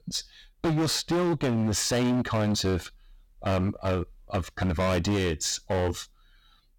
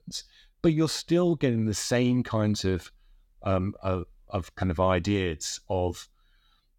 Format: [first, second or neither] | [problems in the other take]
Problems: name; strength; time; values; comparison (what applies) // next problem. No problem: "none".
second | distortion; heavy; 19% of the sound clipped